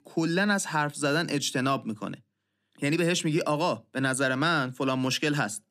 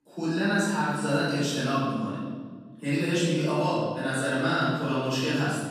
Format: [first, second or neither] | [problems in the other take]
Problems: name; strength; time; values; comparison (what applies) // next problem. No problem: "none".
first | room echo; strong; dies away in 1.5 s // off-mic speech; far